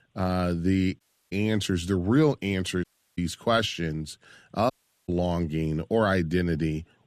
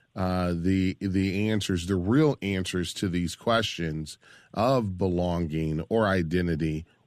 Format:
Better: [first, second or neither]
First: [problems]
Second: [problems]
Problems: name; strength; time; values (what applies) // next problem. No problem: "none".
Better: second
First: audio cutting out; at 1 s, at 3 s and at 4.5 s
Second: none